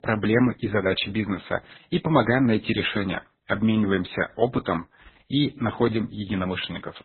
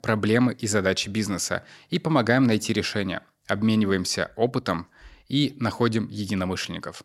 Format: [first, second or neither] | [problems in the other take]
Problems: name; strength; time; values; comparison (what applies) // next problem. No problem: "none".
second | garbled, watery; badly; nothing above 4 kHz